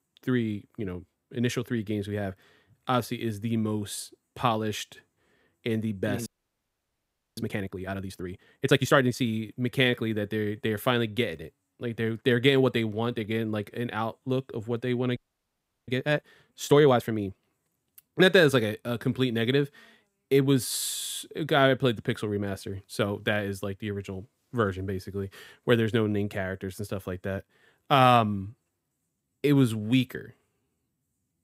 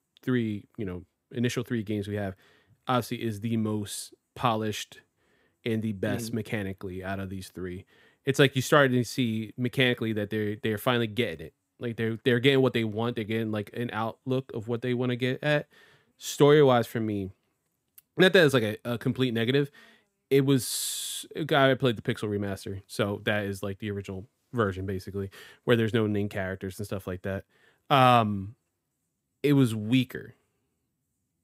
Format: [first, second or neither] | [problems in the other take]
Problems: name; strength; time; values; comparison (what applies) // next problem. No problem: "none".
second | audio freezing; at 6.5 s for 1 s and at 15 s for 0.5 s